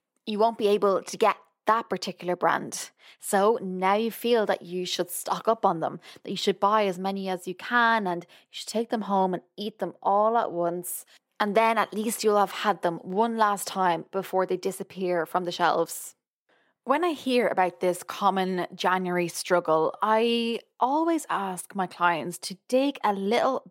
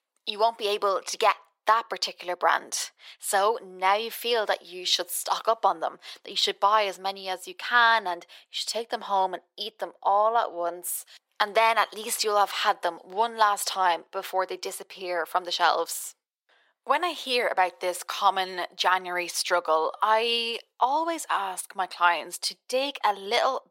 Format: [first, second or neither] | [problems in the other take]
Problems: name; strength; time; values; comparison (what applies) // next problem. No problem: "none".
first | thin; very; fading below 650 Hz